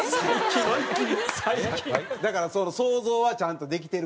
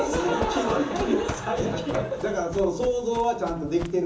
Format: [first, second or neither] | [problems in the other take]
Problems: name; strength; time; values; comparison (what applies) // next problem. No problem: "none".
first | background sound (Run); 12 dB below the speech // room echo; dies away in 0.7 s